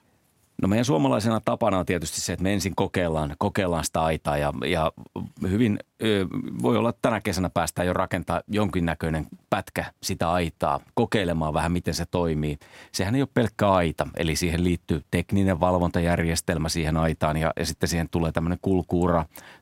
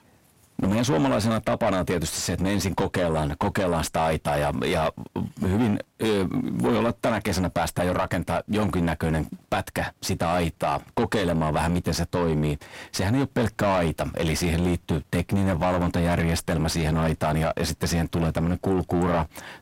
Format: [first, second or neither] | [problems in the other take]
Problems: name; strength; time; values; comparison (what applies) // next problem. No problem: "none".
first | distortion; heavy; 7 dB below the speech